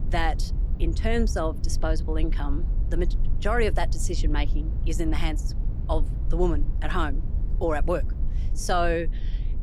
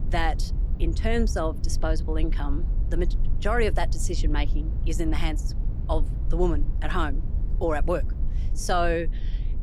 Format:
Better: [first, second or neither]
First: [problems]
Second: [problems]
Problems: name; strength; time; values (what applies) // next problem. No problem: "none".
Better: neither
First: low rumble; noticeable; throughout; 15 dB below the speech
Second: low rumble; noticeable; throughout; 15 dB below the speech